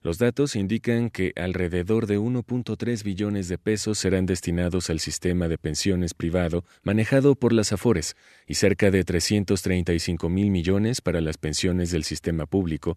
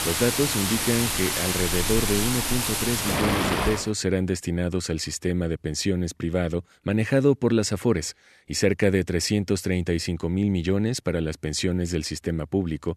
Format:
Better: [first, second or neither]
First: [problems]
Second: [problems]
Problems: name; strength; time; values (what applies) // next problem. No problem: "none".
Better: first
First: none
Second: rain or running water; very loud; until 3.5 s; 1 dB above the speech